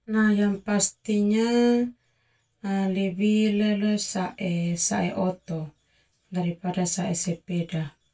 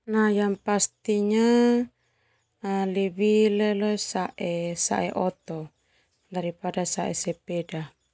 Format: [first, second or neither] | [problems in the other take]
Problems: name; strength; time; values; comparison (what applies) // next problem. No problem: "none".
second | room echo; dies away in 0.1 s